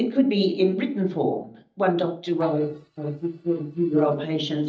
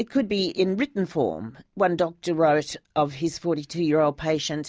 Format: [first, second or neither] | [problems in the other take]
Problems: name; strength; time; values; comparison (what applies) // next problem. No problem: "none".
second | noise reduction (neural mask model DeepFilterNet 3)